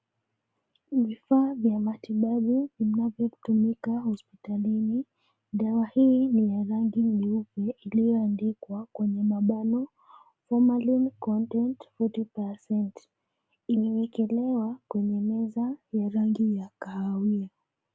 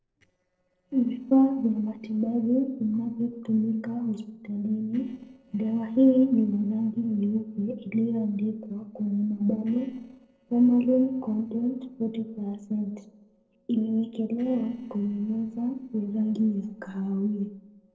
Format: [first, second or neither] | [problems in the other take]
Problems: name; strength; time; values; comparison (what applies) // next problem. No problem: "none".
first | noise reduction (neural separator model SepFormer DNS4)